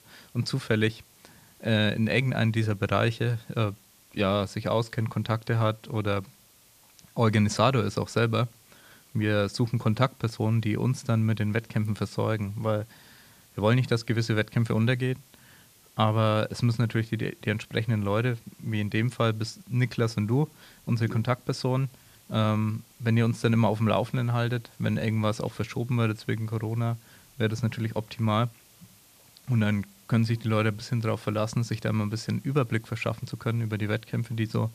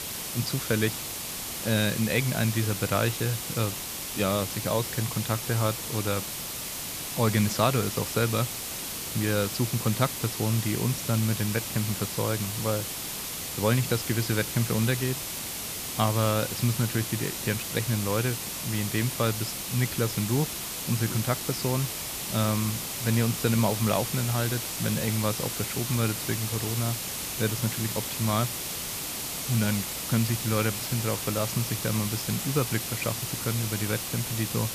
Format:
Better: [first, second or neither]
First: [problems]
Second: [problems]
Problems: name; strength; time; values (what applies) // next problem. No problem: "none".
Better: first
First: hiss; faint; throughout; 25 dB below the speech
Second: hiss; loud; throughout; 3 dB below the speech